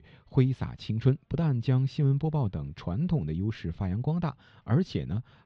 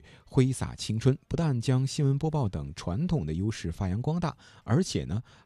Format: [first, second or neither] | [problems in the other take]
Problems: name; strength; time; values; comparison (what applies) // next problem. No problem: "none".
second | muffled; slightly; fading above 4 kHz